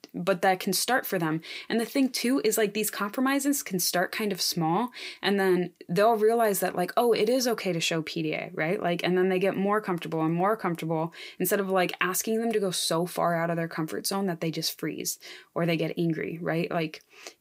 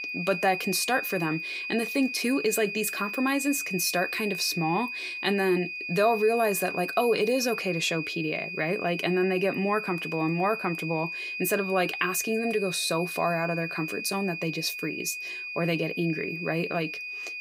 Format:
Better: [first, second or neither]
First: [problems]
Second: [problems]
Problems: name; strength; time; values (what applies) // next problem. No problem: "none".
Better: first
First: none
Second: high-pitched whine; loud; throughout; 2.5 kHz, 5 dB below the speech